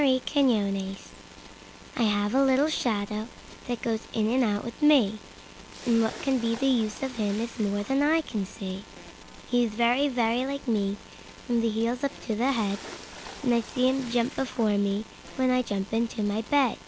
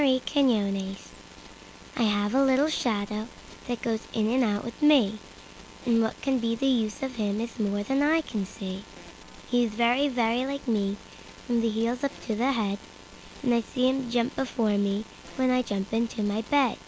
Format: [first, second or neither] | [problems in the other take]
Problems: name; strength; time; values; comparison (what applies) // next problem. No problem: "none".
second | background sound (Splash, splatter); 17 dB below the speech